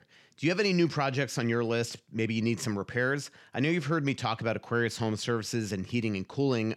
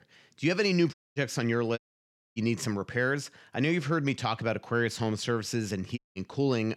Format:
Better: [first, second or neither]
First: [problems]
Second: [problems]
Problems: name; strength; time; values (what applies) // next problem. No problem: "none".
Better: first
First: none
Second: audio cutting out; at 1 s, at 2 s for 0.5 s and at 6 s